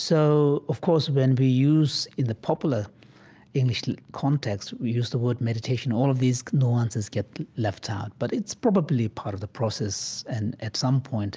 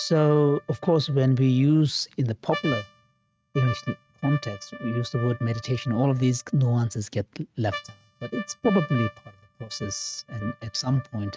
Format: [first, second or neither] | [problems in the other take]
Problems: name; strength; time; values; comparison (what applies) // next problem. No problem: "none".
first | noise reduction (neural mask model RNNoise)